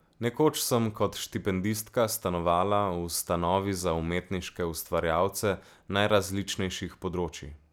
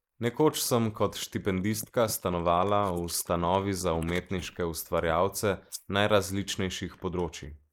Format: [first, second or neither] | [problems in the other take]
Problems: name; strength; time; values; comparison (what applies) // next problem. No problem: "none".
first | noise reduction (neural mask model Resemble Enhance denoiser)